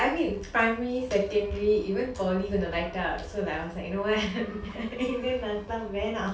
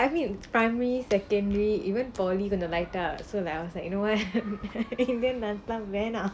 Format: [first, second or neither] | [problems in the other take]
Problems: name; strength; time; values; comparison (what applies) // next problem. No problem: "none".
second | room echo; dies away in 0.3 s